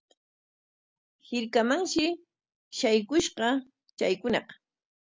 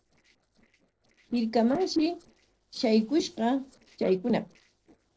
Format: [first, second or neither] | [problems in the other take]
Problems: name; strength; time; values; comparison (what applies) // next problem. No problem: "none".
first | noise reduction (neural separator model SepFormer DNS4)